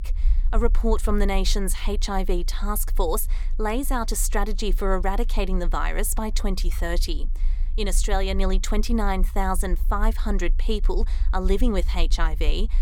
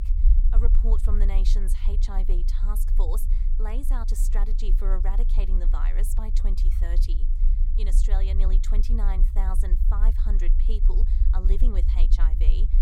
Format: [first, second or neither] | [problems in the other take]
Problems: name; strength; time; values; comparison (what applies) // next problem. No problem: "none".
first | low rumble; loud; throughout; 7 dB below the speech; faint in the first